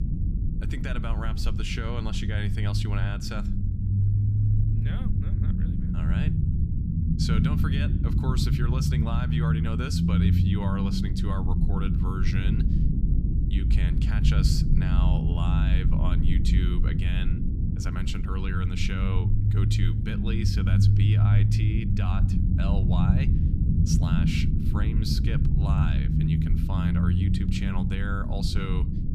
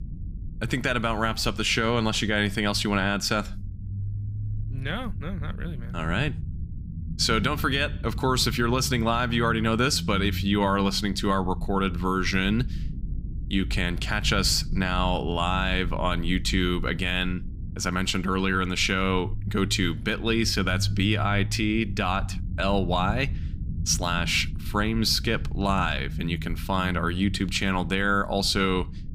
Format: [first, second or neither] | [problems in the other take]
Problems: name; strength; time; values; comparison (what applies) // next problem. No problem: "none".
second | low rumble; loud; throughout; as loud as the speech; faint in the second